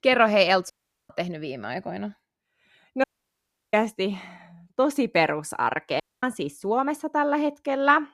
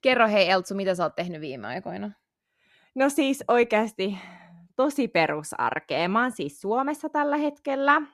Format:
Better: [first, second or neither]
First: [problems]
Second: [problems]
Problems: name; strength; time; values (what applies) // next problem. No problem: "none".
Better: second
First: audio cutting out; at 0.5 s, at 3 s for 0.5 s and at 6 s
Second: none